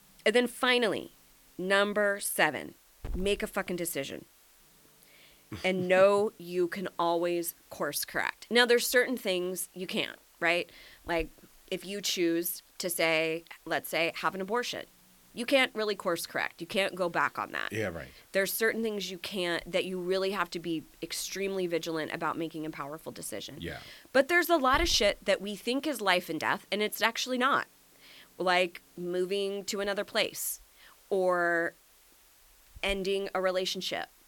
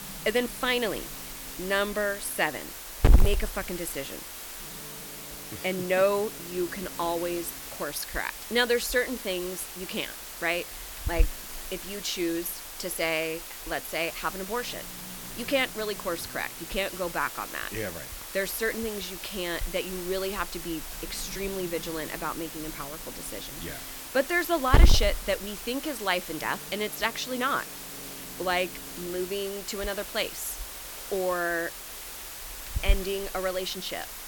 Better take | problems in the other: first | hiss; loud; throughout; 4 dB below the speech; faint in the first

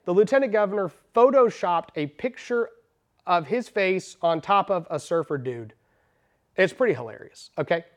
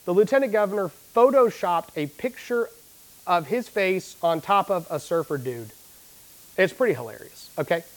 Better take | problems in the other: first | hiss; faint; throughout; 25 dB below the speech

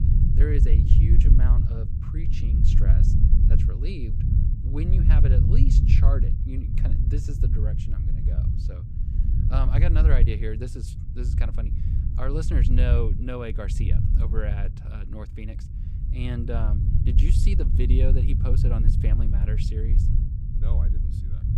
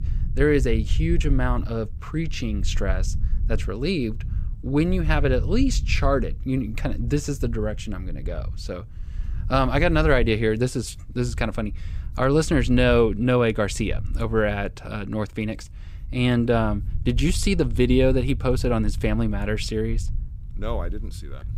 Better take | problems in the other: second | low rumble; loud; throughout; 2 dB below the speech; faint in the second

